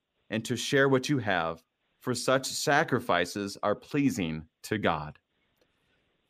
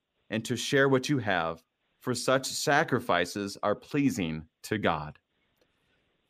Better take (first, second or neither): neither